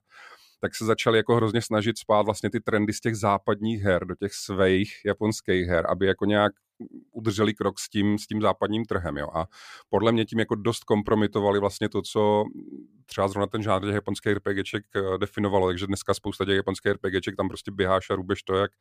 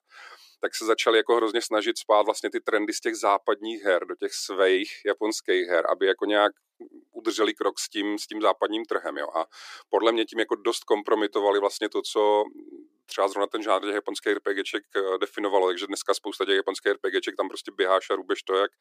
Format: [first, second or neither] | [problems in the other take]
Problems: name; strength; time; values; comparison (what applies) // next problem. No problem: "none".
first | thin; very; fading below 350 Hz